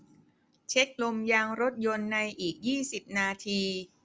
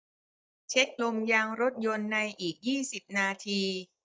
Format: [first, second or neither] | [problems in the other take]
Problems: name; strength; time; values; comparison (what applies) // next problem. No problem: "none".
first | noise reduction (neural mask model DeepFilterNet 3)